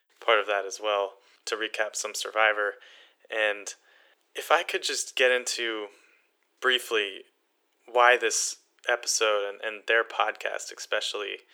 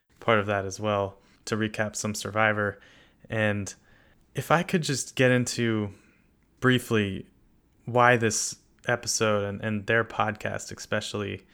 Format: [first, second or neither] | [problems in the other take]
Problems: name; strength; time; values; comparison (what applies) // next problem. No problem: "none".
second | thin; very; fading below 400 Hz